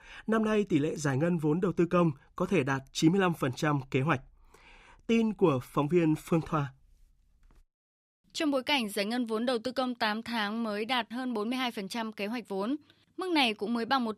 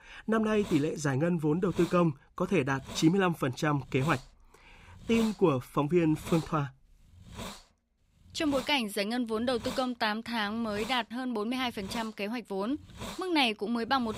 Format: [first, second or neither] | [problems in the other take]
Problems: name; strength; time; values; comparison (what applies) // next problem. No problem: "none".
first | hiss; noticeable; throughout; 15 dB below the speech